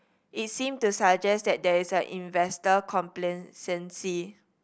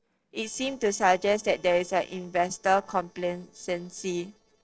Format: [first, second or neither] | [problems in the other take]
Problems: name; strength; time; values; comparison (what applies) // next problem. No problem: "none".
first | noise reduction (neural separator model SepFormer DNS4)